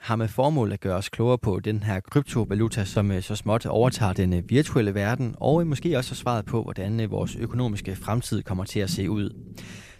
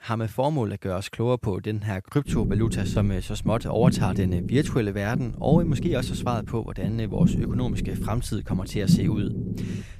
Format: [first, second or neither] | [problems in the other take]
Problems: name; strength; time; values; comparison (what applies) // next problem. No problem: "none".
first | low rumble; loud; from 2.5 s on; 6 dB below the speech; faint in the first